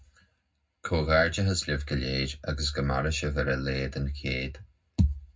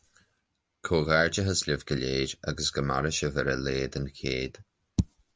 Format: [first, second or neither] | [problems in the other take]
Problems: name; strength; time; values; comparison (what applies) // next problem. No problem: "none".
second | room echo; dies away in 0.3 s